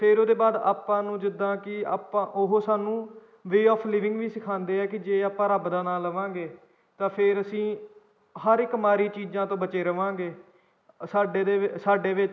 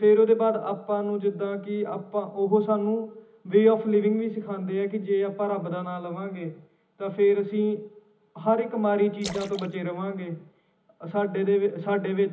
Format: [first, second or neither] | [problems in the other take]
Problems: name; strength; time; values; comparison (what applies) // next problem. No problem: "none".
first | background sound (Splash, splatter); 18 dB below the speech // room echo; dies away in 0.4 s